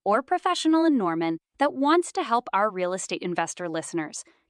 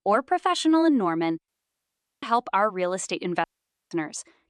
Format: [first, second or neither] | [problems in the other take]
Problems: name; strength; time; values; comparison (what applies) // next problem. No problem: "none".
first | audio cutting out; at 1.5 s for 0.5 s and at 3.5 s